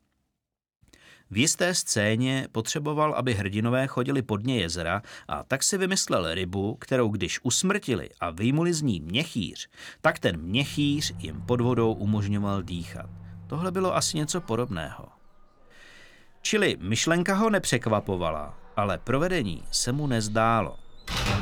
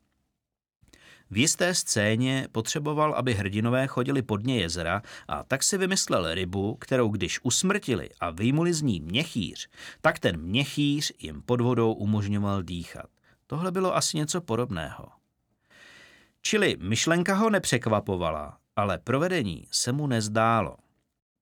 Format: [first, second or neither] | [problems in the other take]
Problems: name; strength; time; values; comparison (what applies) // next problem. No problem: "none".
second | household noises; noticeable; from 11 s on; 15 dB below the speech